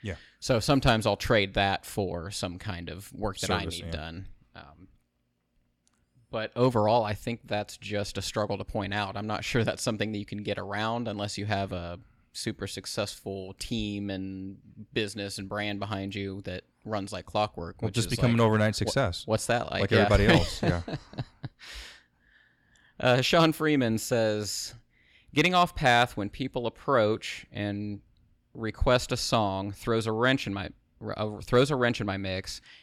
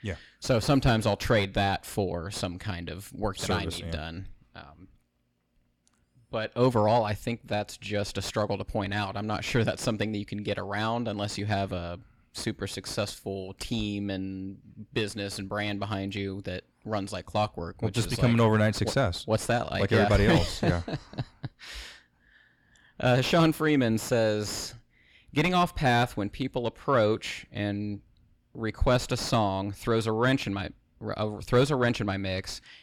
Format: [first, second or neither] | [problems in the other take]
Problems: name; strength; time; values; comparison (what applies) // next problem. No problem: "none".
first | distortion; slight; 10 dB below the speech